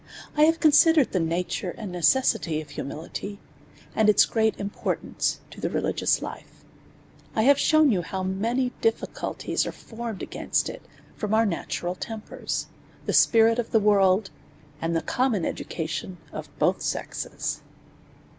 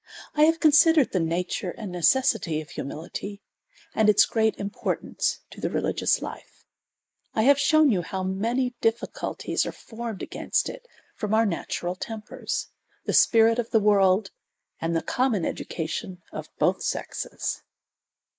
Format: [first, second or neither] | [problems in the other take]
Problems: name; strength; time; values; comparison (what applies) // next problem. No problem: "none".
first | noise reduction (neural mask model Resemble Enhance denoiser)